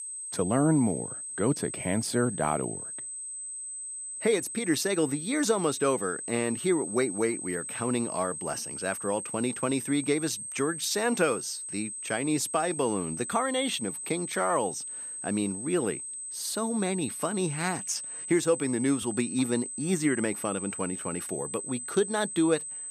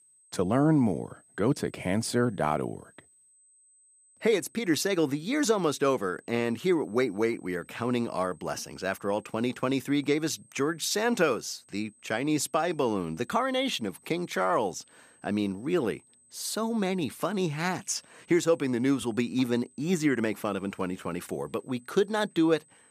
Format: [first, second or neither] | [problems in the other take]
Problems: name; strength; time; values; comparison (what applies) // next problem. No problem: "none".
second | high-pitched whine; loud; throughout; 8 kHz, 6 dB below the speech; faint in the second